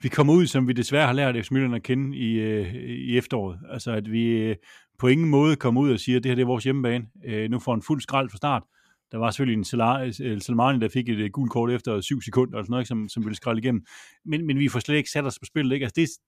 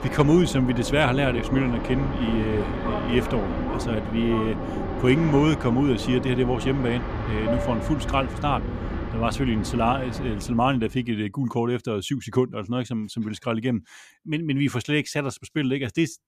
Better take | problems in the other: first | train or aircraft noise; loud; until 11 s; 6 dB below the speech

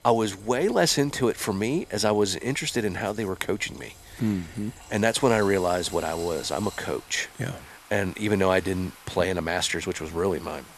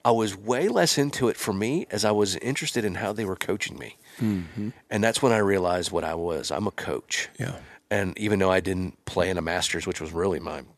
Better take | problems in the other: second | household noises; noticeable; throughout; 20 dB below the speech

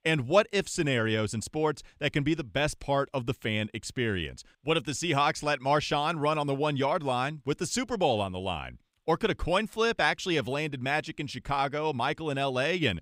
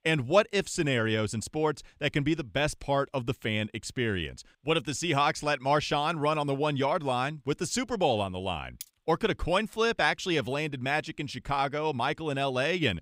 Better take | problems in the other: first | clattering dishes; very faint; at 9 s; peak 15 dB below the speech

